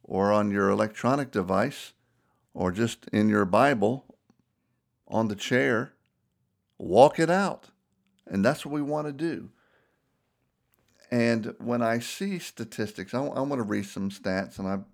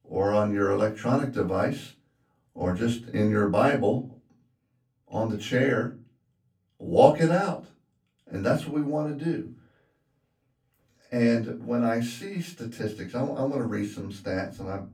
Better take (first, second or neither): first